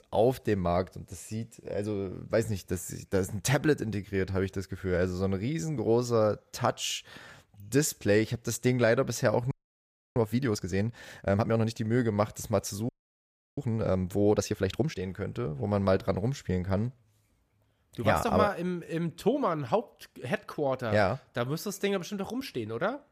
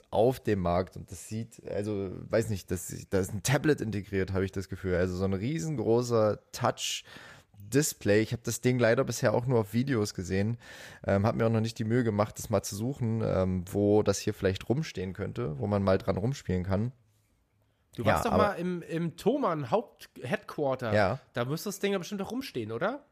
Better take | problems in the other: second | audio freezing; at 9.5 s for 0.5 s and at 13 s for 0.5 s

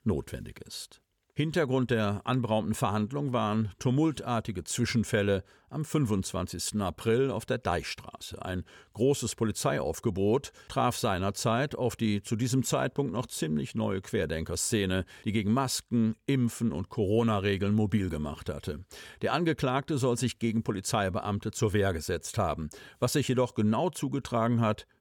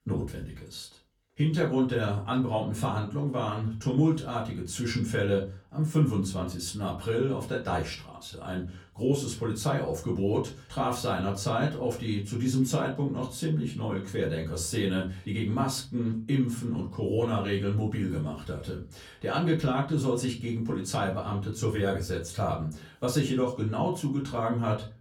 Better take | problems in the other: first | off-mic speech; far // room echo; very slight; dies away in 0.3 s

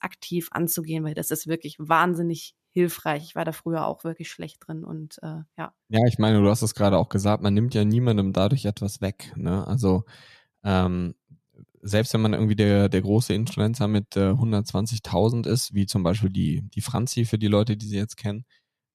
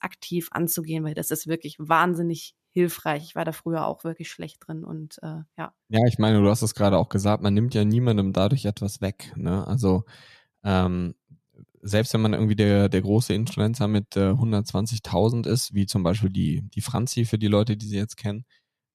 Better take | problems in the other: neither | none

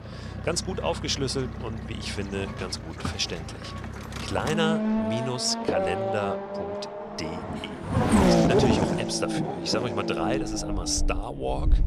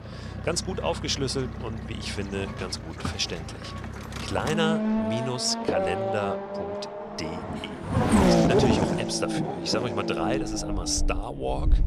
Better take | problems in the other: neither | traffic noise; very loud; throughout; 2 dB above the speech; the same in both

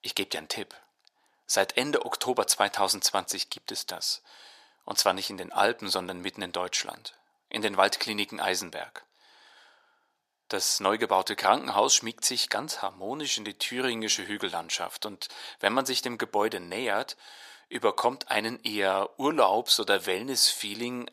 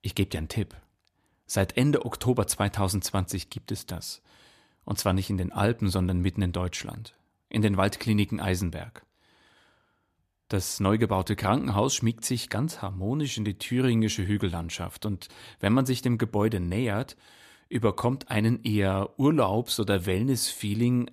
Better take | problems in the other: second | thin; very; fading below 500 Hz

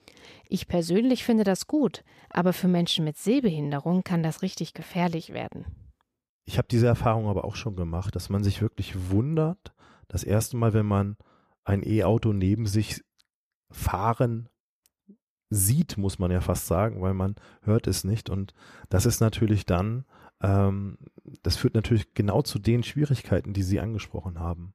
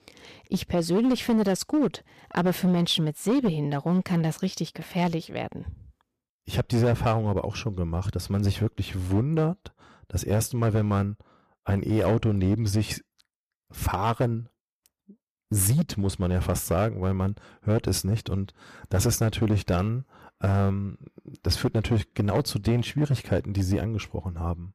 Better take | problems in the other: first | distortion; slight; 6% of the sound clipped

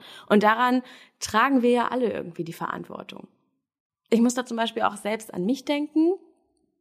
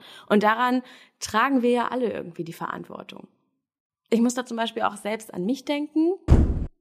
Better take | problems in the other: first | door banging; loud; at 6.5 s; peak 4 dB above the speech

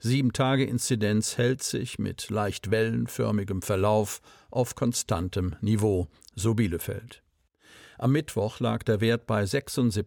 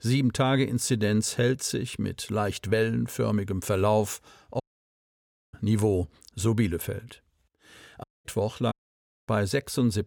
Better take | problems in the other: first | audio cutting out; at 4.5 s for 1 s, at 8 s and at 8.5 s for 0.5 s

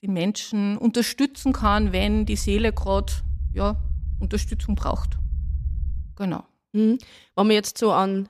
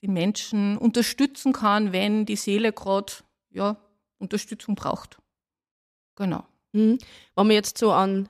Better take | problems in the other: second | low rumble; faint; from 1.5 to 6 s; 25 dB below the speech

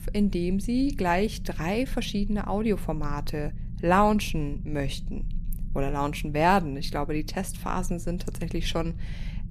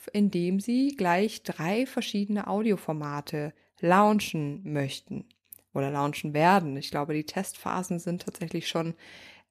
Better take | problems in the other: second | low rumble; faint; throughout; 25 dB below the speech

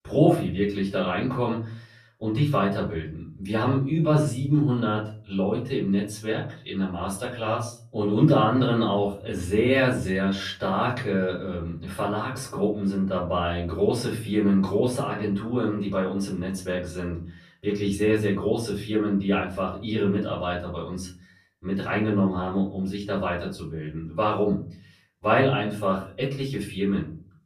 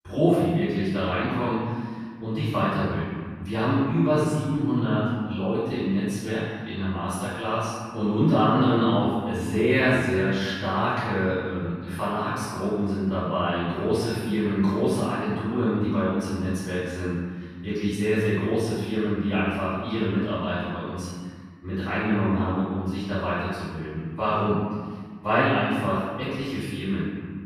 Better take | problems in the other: first | room echo; strong; dies away in 1.7 s; slight in the first // off-mic speech; far; far in the first

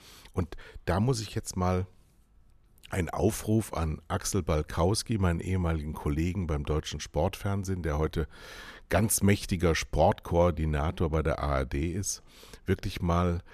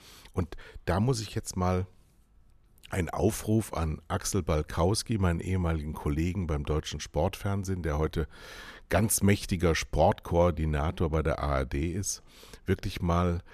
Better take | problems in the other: neither | none

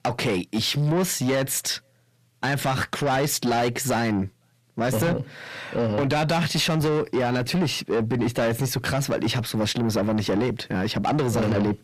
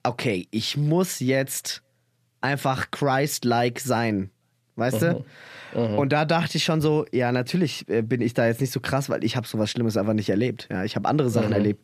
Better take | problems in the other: second | distortion; heavy; 7 dB below the speech

